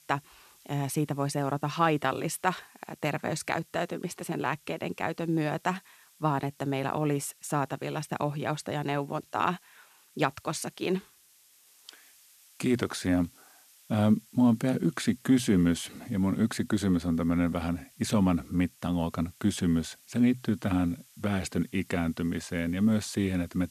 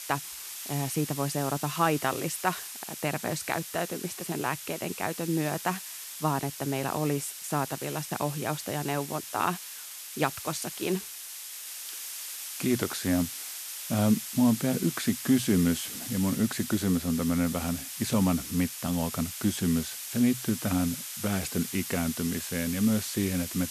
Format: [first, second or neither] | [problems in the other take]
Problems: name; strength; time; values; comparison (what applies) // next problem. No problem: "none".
first | hiss; loud; throughout; 7 dB below the speech; faint in the first